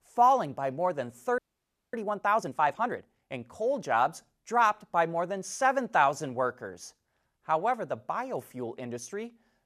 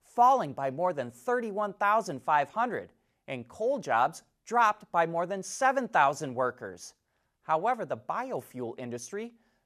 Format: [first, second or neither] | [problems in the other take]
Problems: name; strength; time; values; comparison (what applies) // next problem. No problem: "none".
second | audio freezing; at 1.5 s for 0.5 s